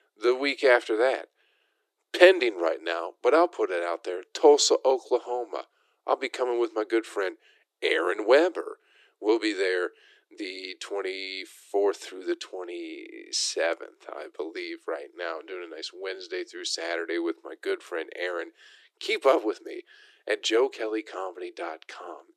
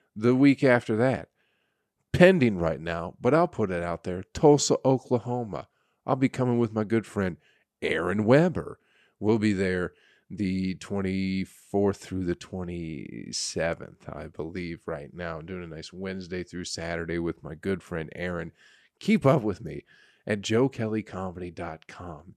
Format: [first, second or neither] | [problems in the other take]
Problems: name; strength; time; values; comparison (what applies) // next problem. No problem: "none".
second | thin; very; fading below 350 Hz